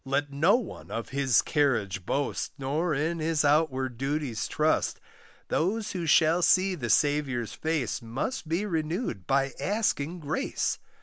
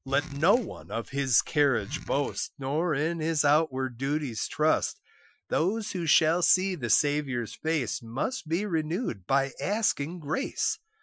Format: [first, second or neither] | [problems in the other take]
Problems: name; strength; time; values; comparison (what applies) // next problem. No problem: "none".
first | noise reduction (classical method Wiener filter)